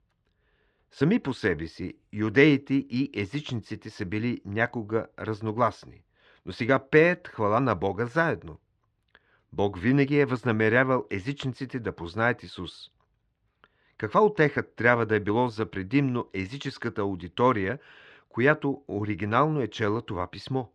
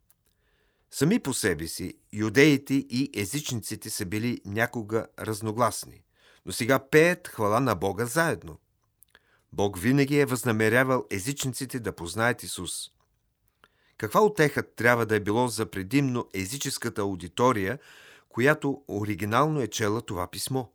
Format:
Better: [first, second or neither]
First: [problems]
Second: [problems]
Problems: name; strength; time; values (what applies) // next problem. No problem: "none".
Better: second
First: muffled; slightly; fading above 3.5 kHz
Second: none